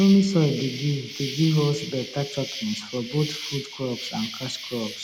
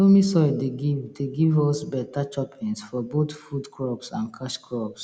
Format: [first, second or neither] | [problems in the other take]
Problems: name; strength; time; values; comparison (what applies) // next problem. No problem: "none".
second | background sound (Insect); 11 dB below the speech